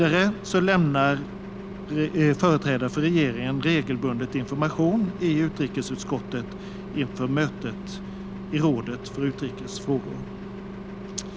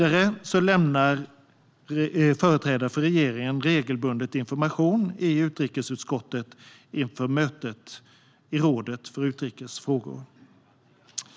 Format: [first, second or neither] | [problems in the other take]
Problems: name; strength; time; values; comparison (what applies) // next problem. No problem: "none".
second | background sound (Engine); 11 dB below the speech